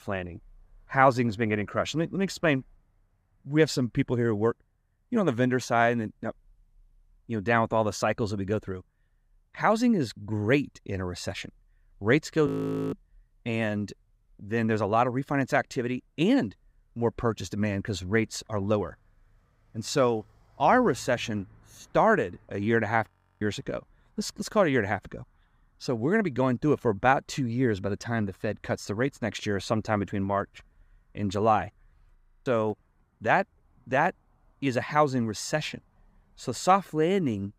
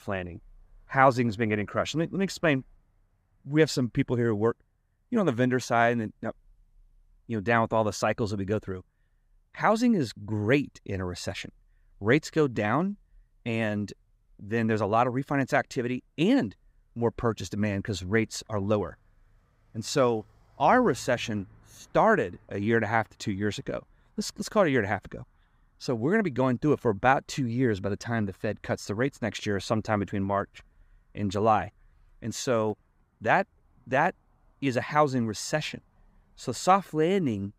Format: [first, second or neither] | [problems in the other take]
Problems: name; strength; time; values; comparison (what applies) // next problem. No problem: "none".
second | audio freezing; at 12 s, at 23 s and at 32 s